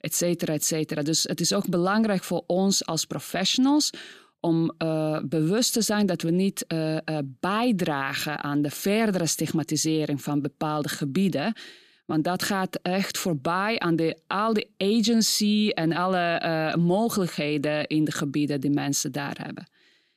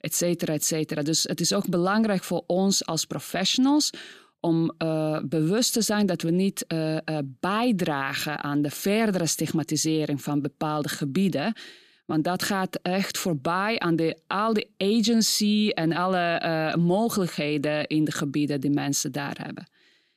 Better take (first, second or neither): neither